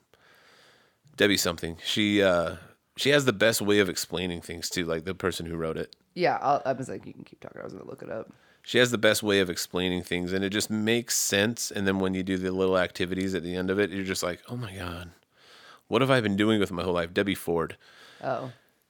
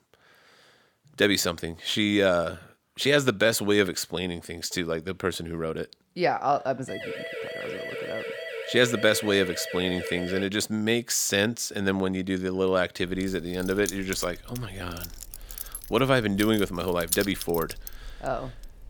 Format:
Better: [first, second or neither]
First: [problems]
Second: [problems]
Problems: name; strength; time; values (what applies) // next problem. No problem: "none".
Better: first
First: none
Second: siren; noticeable; from 7 to 10 s; peak 8 dB below the speech // jangling keys; noticeable; from 13 s on; peak 3 dB below the speech